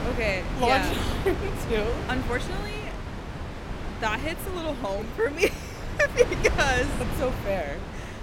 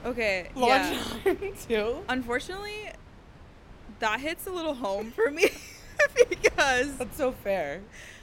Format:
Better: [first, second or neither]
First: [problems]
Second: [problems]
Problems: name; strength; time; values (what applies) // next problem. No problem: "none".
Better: second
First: wind noise on the microphone; heavy; 9 dB below the speech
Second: wind noise on the microphone; occasional gusts; 25 dB below the speech